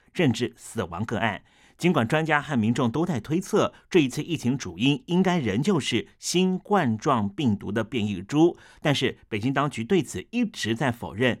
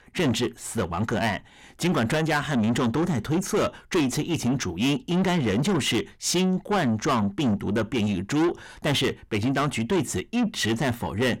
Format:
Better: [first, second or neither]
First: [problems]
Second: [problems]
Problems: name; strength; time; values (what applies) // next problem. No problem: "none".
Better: first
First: none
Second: distortion; heavy; 7 dB below the speech